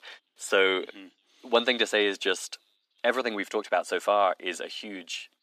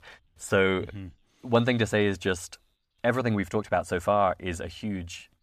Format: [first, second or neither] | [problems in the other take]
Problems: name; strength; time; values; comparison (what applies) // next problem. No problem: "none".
second | thin; somewhat; fading below 300 Hz